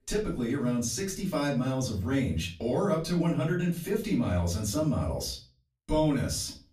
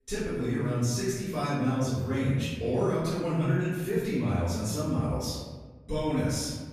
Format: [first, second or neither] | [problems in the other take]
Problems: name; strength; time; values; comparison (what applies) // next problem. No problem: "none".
first | room echo; strong; dies away in 1.3 s; slight in the first // off-mic speech; far; far in the first